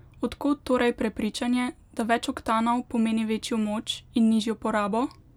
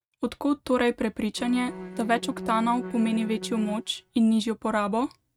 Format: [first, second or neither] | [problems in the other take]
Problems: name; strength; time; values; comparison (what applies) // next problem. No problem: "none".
first | noise reduction (neural mask model RNNoise)